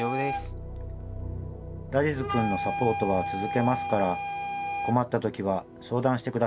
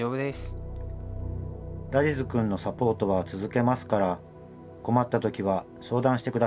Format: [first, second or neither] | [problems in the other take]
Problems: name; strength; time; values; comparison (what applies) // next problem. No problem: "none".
second | background sound (Wind instrument, woodwind instrument); 6 dB below the speech